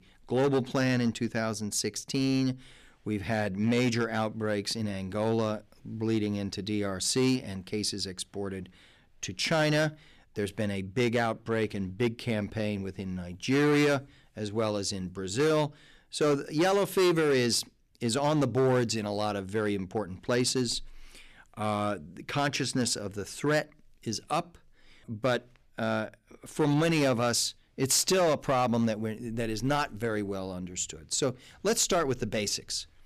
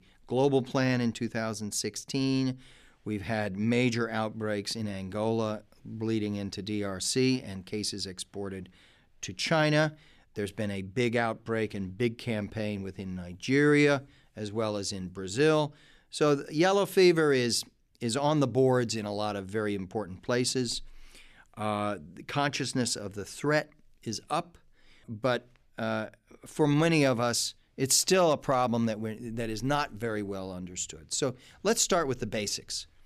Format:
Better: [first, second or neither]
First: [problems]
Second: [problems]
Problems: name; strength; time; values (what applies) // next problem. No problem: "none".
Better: second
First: distortion; slight; 5% of the sound clipped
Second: none